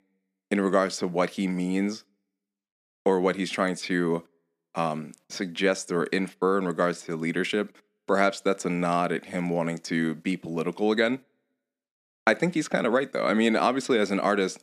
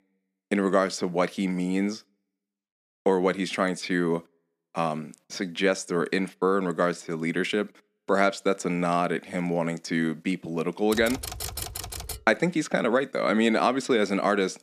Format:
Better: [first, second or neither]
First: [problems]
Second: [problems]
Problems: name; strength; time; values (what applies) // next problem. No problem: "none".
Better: first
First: none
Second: keyboard typing; noticeable; from 11 to 12 s; peak 6 dB below the speech